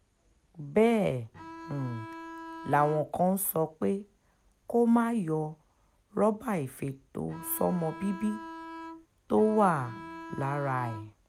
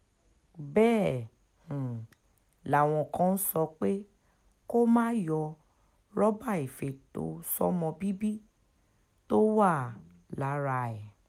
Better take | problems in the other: second | background sound (Bowed string instrument); 13 dB below the speech

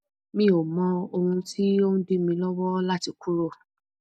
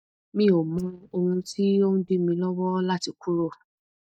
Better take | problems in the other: first | noise reduction (neural mask model DeepFilterNet 3)

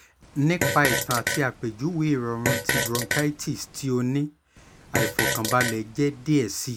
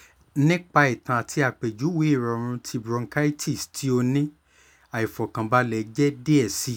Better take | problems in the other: second | background sound (Fart); 3 dB below the speech

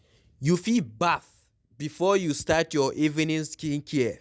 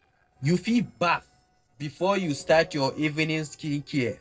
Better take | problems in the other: first | noise reduction (neural separator model SepFormer DNS4)

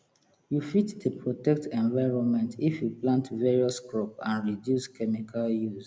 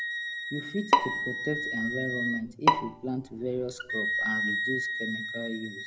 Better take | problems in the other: first | background sound (Bowed string instrument + Wind instrument, woodwind instrument); 4 dB above the speech

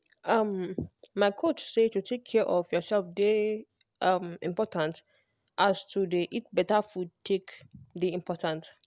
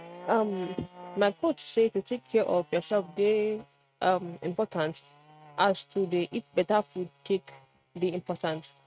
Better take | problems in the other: first | noise reduction (neural mask model RNNoise)

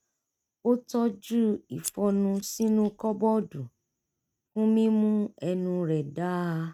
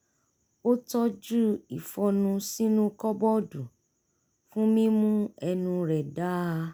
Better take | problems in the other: second | noise reduction (neural mask model RNNoise)

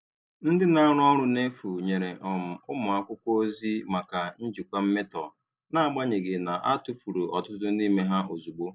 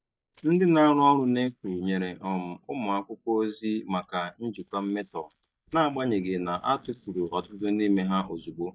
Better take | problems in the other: first | noise reduction (neural mask model DeepFilterNet 3)

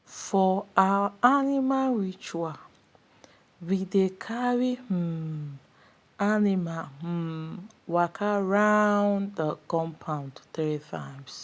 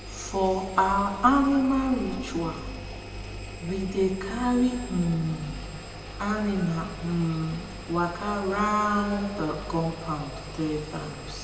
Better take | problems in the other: first | background sound (Engine); 11 dB below the speech // room echo; dies away in 2 s

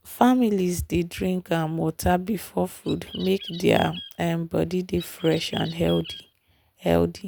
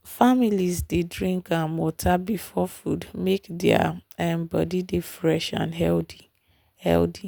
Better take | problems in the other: second | background sound (Bird); 16 dB below the speech

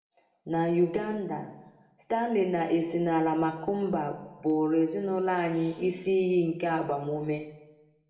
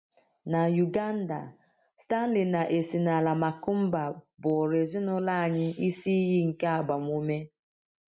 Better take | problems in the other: second | room echo; dies away in 0.8 s

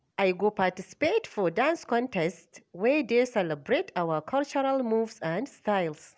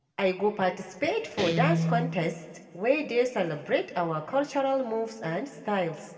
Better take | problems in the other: first | background sound (Guitar); 5 dB below the speech // room echo; dies away in 1.6 s

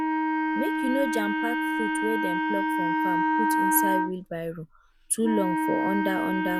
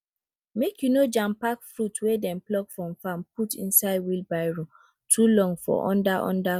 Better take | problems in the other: second | background sound (Wind instrument, woodwind instrument); 5 dB above the speech

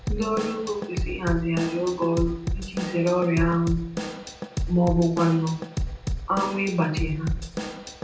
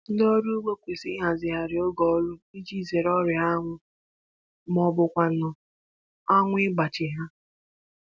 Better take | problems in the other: second | background sound (Drum / Drum kit); 5 dB below the speech // room echo; dies away in 0.6 s

